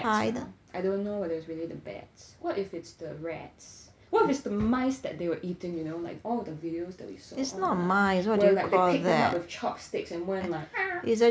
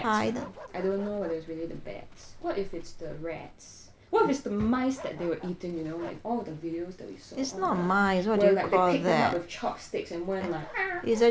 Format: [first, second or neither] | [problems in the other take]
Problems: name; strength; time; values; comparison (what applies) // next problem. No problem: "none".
first | background sound (Bark + Livestock, farm animals, working animals); 17 dB below the speech